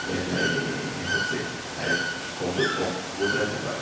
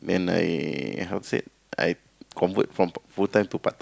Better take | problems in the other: second | background sound (Water / Bird); as loud as the speech // room echo; dies away in 1.1 s

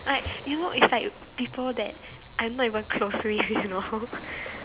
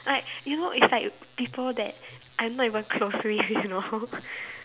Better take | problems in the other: second | background sound (Waves, surf); 15 dB below the speech

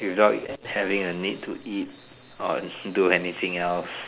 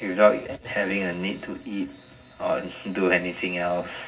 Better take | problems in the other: first | room echo; dies away in 0.4 s

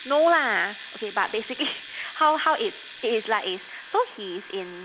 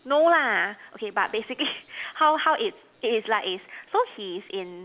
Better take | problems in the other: second | background sound (Domestic sounds, home sounds); 17 dB below the speech

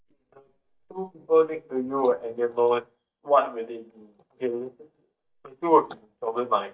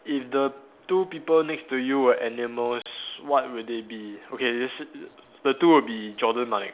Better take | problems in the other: second | noise reduction (neural mask model DeepFilterNet 3)

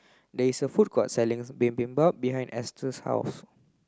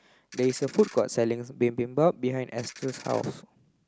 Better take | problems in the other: first | background sound (Ratchet, pawl); 18 dB below the speech

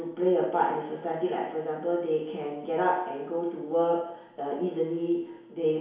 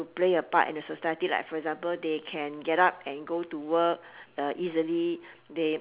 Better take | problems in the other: second | room echo; dies away in 1 s

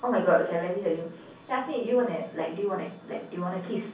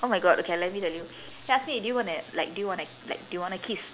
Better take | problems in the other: second | room echo; dies away in 0.6 s

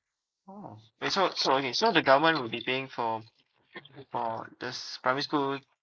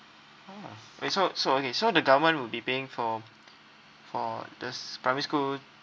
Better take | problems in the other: second | noise reduction (neural mask model Resemble Enhance denoiser)

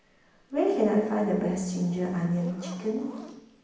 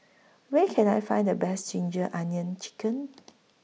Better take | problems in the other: second | background sound (Zipper (clothing)); 20 dB below the speech // room echo; dies away in 0.9 s

